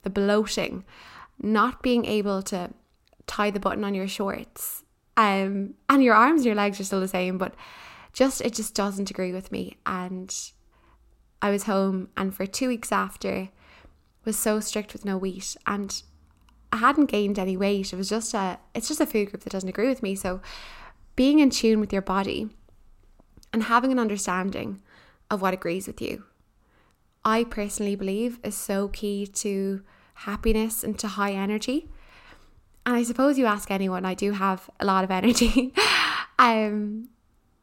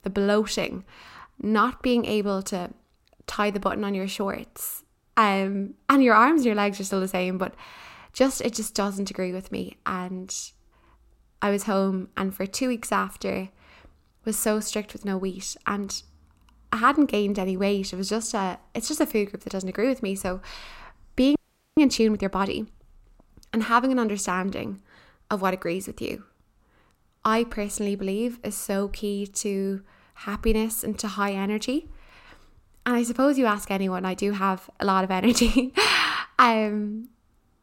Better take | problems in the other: first | audio freezing; at 21 s

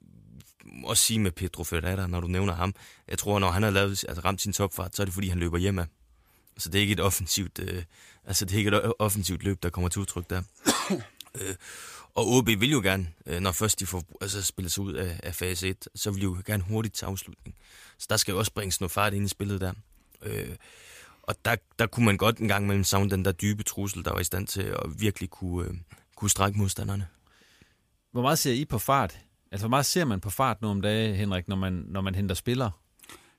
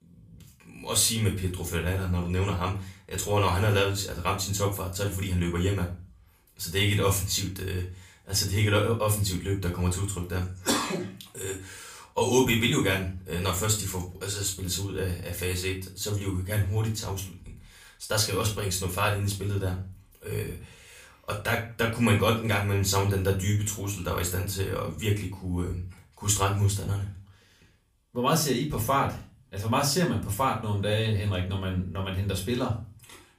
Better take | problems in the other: first | off-mic speech; far // room echo; very slight; dies away in 0.3 s

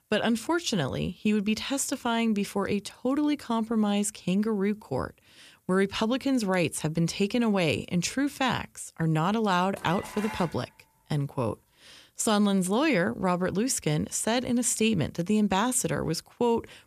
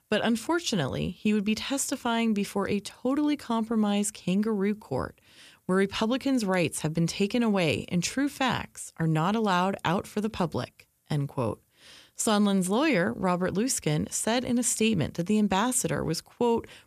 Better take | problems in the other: second | clattering dishes; faint; at 10 s; peak 10 dB below the speech

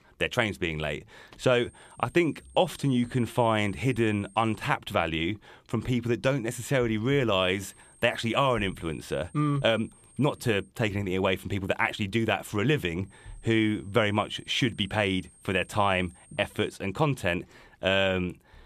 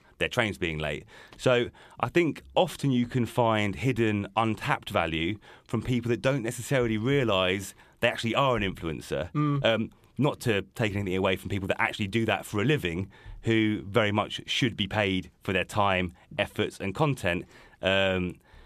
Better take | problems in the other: second | high-pitched whine; faint; from 1.5 to 4.5 s, from 7.5 to 11 s and from 13 to 17 s; 8.5 kHz, 30 dB below the speech

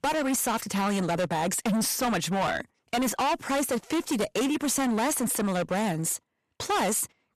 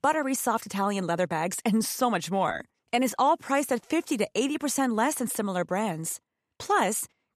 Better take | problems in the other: second | distortion; heavy; 24% of the sound clipped

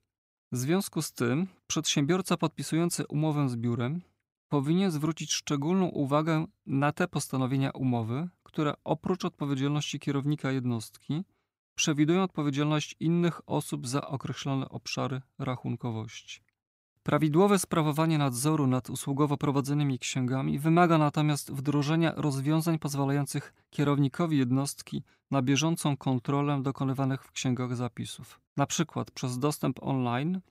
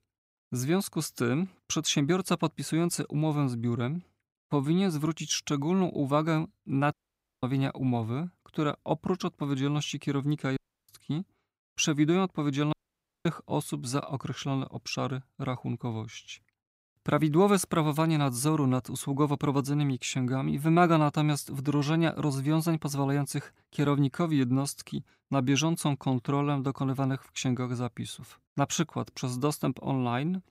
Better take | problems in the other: first | audio cutting out; at 7 s for 0.5 s, at 11 s and at 13 s for 0.5 s

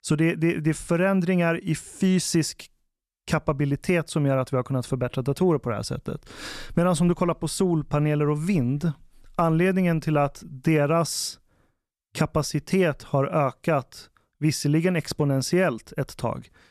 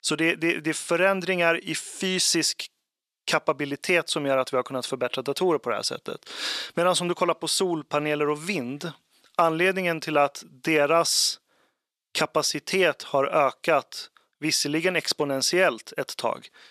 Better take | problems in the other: first | thin; somewhat; fading below 400 Hz

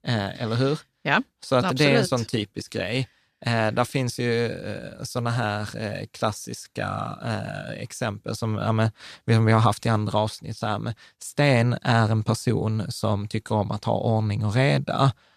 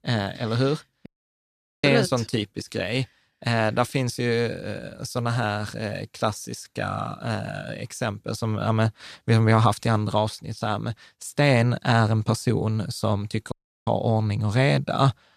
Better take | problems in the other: first | audio cutting out; at 1 s for 1 s and at 14 s

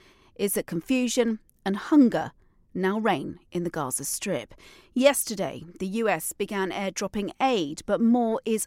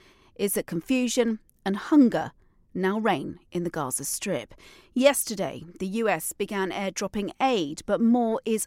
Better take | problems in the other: neither | none

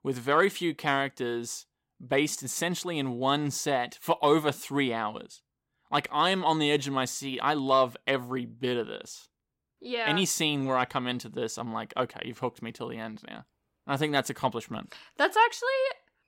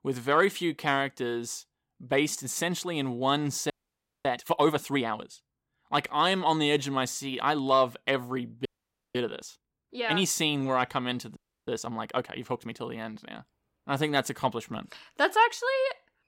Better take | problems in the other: first | audio freezing; at 3.5 s for 0.5 s, at 8.5 s for 0.5 s and at 11 s

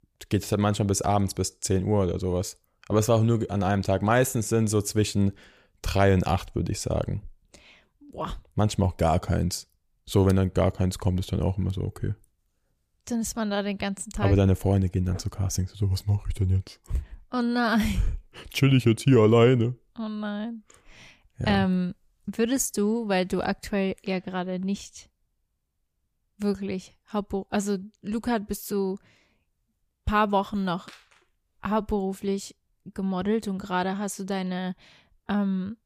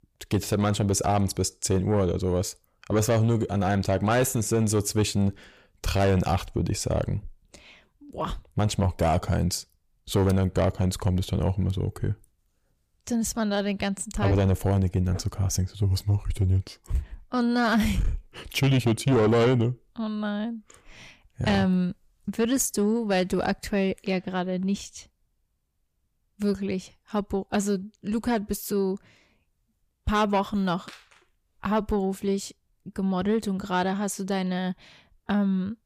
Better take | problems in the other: first | distortion; slight; 10 dB below the speech

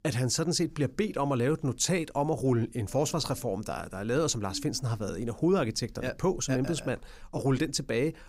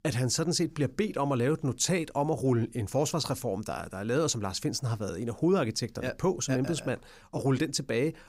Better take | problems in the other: second | low rumble; faint; throughout; 25 dB below the speech

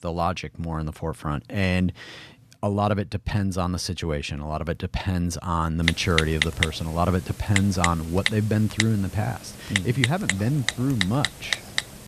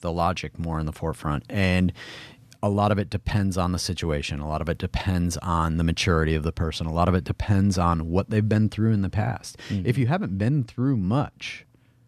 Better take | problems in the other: second | keyboard typing; loud; from 6 s on; peak 2 dB above the speech

